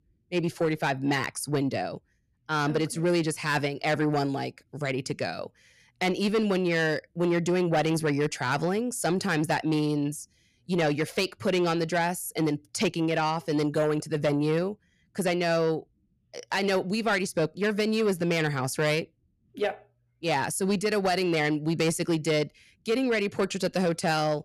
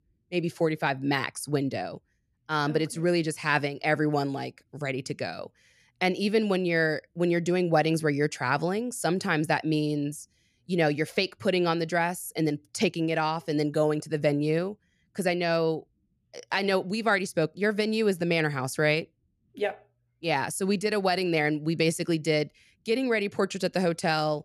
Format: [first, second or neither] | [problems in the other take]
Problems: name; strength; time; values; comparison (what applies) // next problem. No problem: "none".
second | distortion; slight; 10 dB below the speech